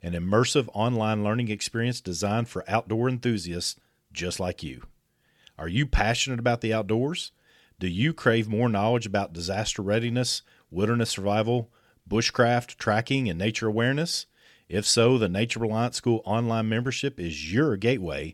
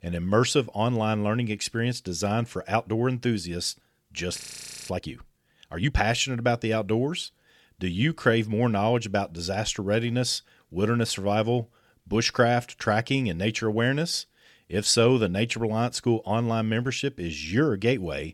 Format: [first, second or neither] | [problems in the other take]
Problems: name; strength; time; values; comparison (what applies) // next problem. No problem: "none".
first | audio freezing; at 4.5 s for 0.5 s